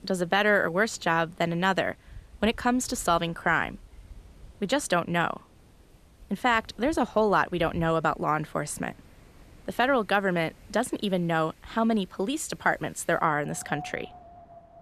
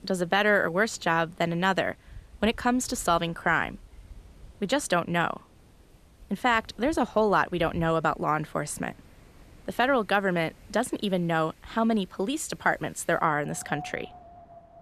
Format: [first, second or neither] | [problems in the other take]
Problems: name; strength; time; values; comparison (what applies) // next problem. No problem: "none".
neither | wind in the background; faint; throughout; 25 dB below the speech; the same in both